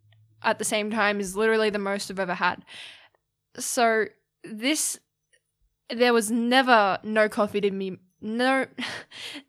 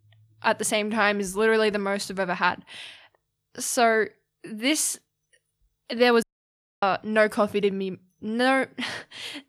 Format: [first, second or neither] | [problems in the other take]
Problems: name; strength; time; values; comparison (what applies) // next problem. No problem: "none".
first | audio cutting out; at 6 s for 0.5 s